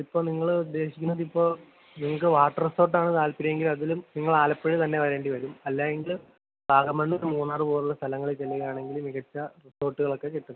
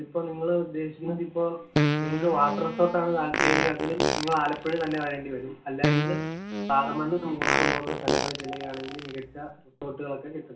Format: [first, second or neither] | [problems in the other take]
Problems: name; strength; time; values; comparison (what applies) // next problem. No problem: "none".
first | background sound (Fart); as loud as the speech // room echo; dies away in 0.4 s